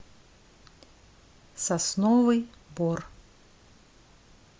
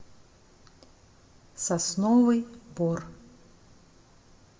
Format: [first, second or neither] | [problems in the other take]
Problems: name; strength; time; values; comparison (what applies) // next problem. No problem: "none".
first | room echo; dies away in 1 s